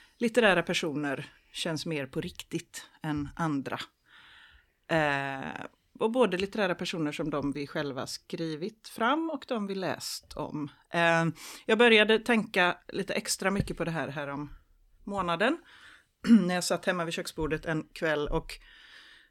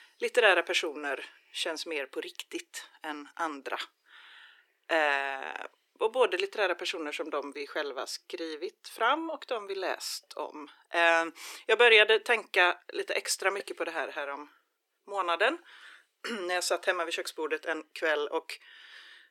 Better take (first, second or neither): first